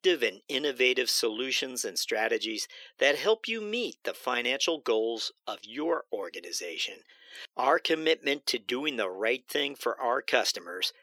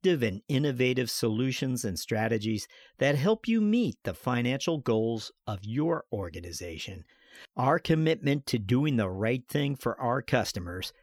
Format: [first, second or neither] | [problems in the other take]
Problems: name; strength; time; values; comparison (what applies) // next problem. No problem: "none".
second | thin; very; fading below 350 Hz